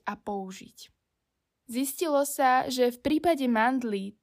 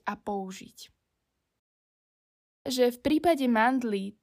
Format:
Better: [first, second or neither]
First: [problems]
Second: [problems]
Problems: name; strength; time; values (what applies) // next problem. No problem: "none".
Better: first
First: none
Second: audio cutting out; at 1.5 s for 1 s